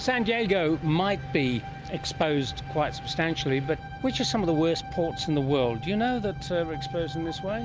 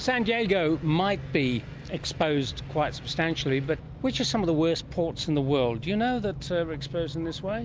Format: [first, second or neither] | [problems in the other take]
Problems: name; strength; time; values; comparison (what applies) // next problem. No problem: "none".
second | background sound (Bowed string instrument); 15 dB below the speech